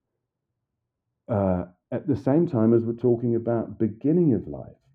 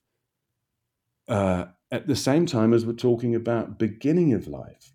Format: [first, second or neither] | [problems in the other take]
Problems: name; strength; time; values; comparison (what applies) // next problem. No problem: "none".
second | muffled; very; fading above 2.5 kHz